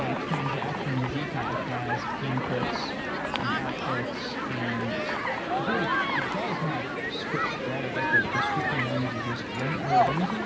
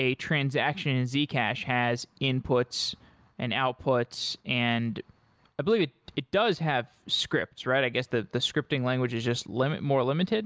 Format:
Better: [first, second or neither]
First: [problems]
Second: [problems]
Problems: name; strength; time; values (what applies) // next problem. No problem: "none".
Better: second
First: background sound (Human group actions); 5 dB above the speech // room echo; dies away in 0.9 s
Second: none